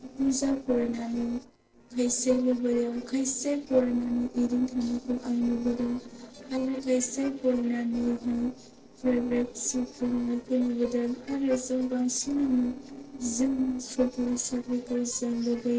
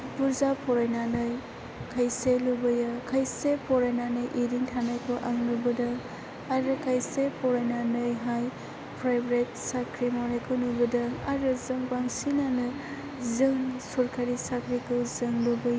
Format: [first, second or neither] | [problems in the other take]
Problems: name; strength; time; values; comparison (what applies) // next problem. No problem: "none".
second | noise reduction (neural separator model SepFormer DNS4)